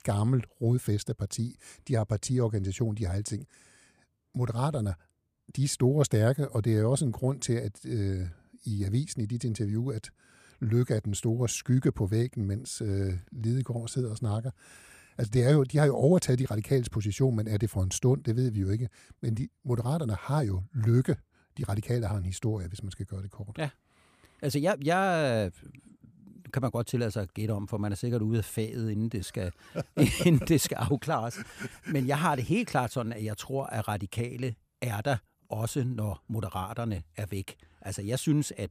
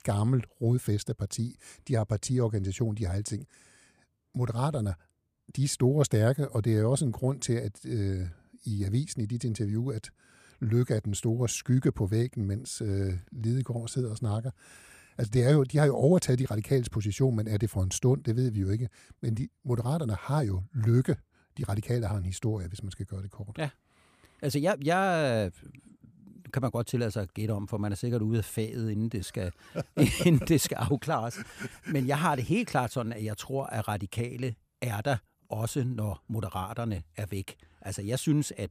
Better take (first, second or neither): neither